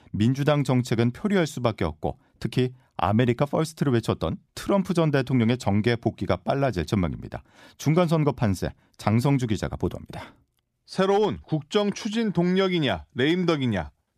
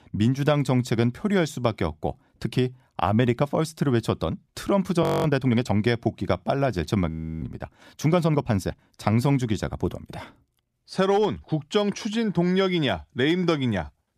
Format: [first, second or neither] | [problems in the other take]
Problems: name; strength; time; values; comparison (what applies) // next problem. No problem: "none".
first | audio freezing; at 5 s and at 7 s